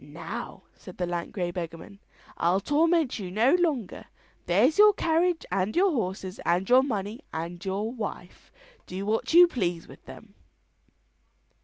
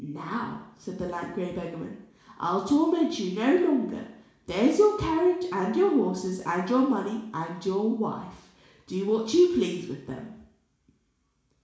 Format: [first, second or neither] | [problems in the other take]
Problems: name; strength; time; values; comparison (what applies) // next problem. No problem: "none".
first | room echo; dies away in 0.7 s